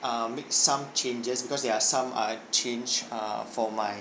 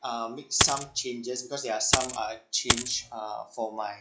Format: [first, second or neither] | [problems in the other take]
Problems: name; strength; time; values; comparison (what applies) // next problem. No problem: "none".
first | noise reduction (classical method log-MMSE)